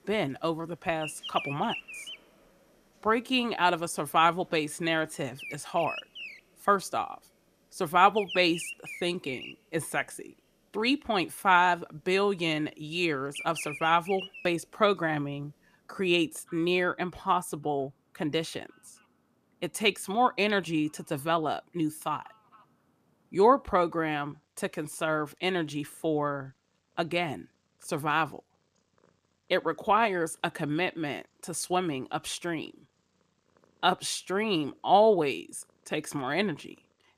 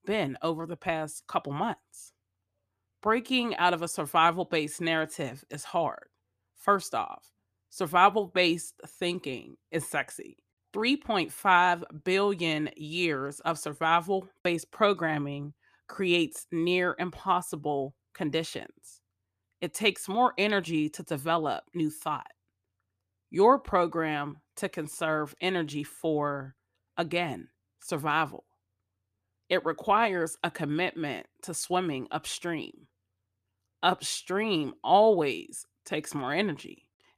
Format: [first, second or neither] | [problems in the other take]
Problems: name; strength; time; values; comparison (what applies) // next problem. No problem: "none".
second | animal sounds; noticeable; throughout; 10 dB below the speech